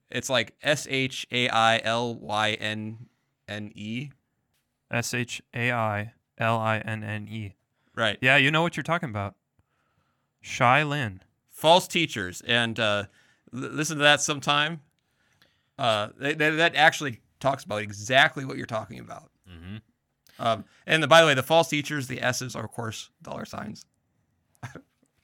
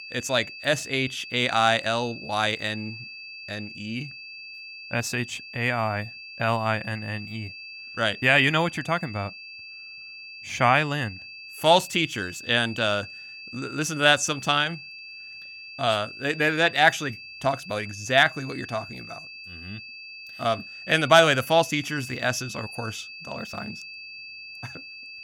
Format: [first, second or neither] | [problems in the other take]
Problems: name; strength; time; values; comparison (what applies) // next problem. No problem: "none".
first | high-pitched whine; noticeable; throughout; 2.5 kHz, 15 dB below the speech